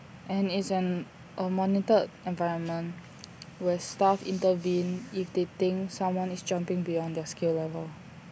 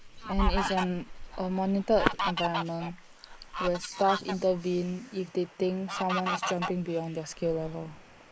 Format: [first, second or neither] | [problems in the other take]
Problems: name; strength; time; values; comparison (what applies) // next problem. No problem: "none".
first | noise reduction (neural mask model Resemble Enhance denoiser)